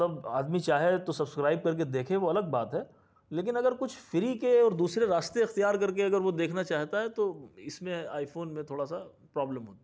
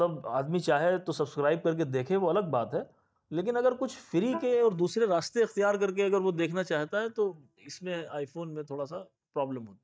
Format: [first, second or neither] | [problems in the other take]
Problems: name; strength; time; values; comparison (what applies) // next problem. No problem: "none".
first | noise reduction (neural mask model DeepFilterNet 3)